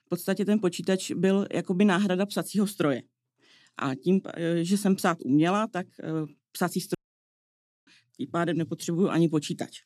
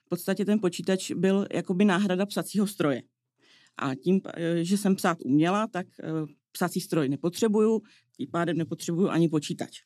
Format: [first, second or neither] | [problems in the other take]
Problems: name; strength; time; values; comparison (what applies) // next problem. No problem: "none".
second | audio cutting out; at 7 s for 1 s